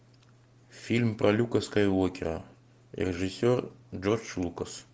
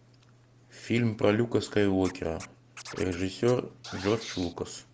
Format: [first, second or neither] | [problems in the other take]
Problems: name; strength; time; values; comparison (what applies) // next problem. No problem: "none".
first | background sound (Scratching (performance technique)); 16 dB below the speech